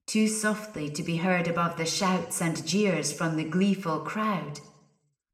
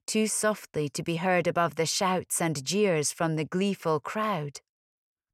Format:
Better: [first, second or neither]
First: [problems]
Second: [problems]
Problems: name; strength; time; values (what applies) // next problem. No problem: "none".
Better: second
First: room echo; slight; dies away in 0.6 s // off-mic speech; somewhat distant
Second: none